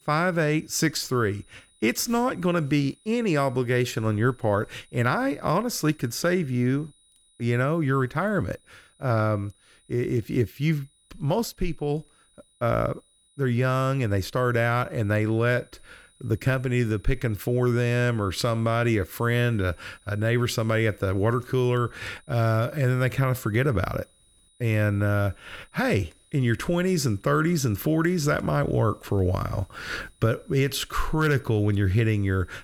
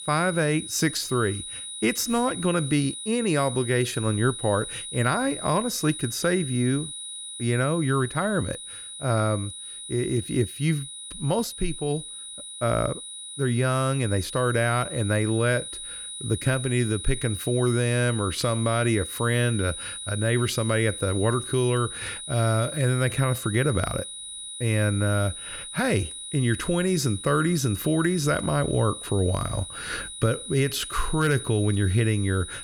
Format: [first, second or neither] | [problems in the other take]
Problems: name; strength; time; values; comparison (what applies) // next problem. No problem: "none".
first | high-pitched whine; loud; throughout; 4 kHz, 9 dB below the speech; faint in the first